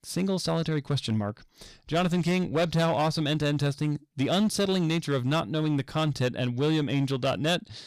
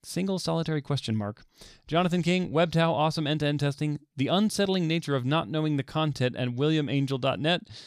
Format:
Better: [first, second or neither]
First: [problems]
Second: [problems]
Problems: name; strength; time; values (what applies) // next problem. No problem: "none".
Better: second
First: distortion; slight; 8% of the sound clipped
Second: none